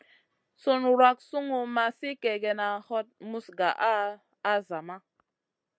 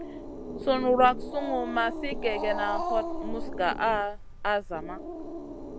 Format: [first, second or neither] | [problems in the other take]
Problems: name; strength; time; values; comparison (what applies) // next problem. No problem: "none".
first | background sound (Growling); 5 dB below the speech